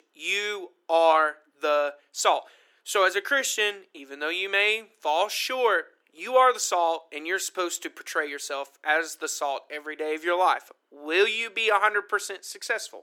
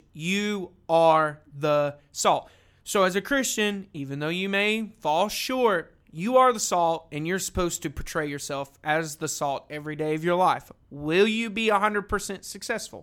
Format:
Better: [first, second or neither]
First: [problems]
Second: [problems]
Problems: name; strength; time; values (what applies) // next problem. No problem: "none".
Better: second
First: thin; very; fading below 350 Hz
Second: none